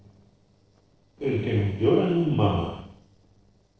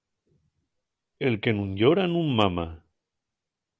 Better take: second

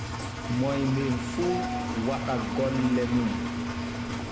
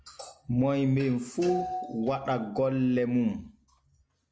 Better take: second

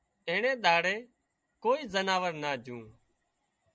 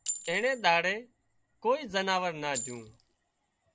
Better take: first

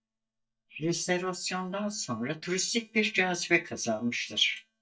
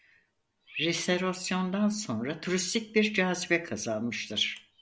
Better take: second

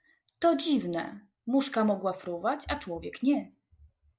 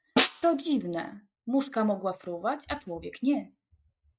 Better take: first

